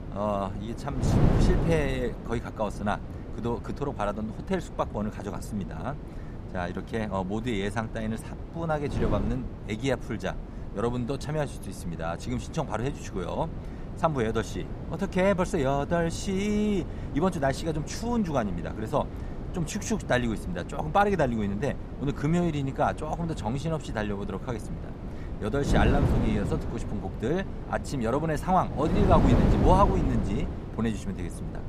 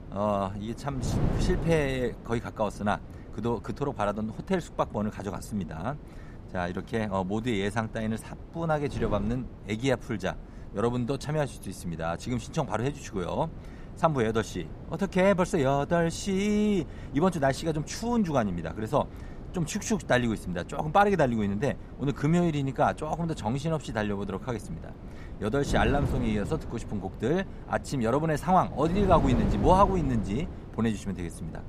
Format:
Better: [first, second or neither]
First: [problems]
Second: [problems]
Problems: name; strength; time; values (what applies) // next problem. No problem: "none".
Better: second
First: wind noise on the microphone; heavy; 9 dB below the speech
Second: wind noise on the microphone; occasional gusts; 15 dB below the speech